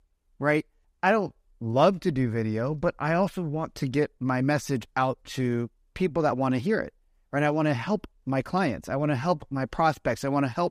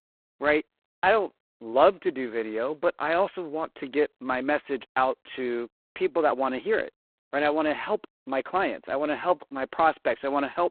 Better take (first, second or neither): first